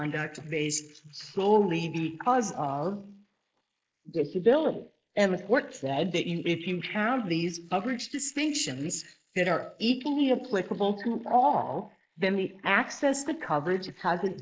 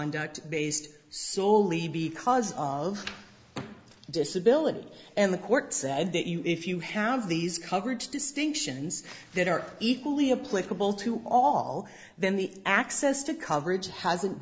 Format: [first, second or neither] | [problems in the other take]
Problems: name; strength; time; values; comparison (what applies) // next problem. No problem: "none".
second | noise reduction (neural mask model Resemble Enhance denoiser)